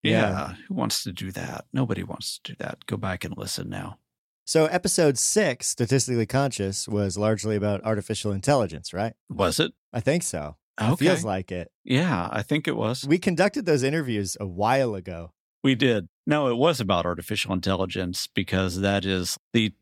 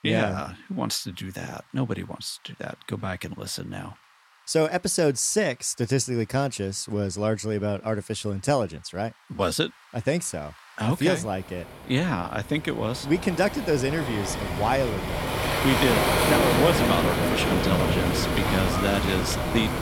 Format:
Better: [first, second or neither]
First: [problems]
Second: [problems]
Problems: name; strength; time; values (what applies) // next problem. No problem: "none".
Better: first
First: none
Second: rain or running water; very loud; throughout; 2 dB above the speech